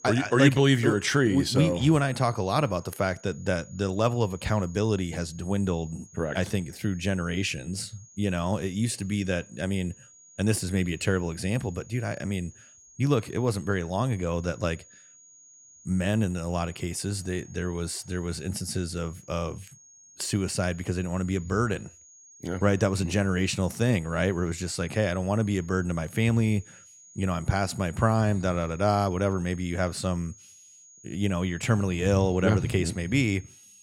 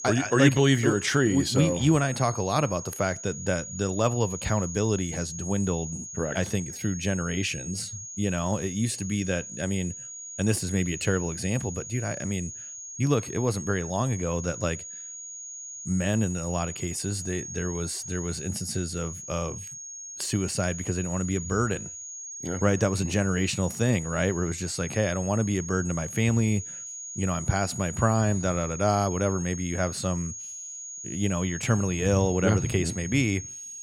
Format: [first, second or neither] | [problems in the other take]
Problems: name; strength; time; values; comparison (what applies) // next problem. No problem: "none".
first | high-pitched whine; loud; throughout; 6.5 kHz, 9 dB below the speech; faint in the first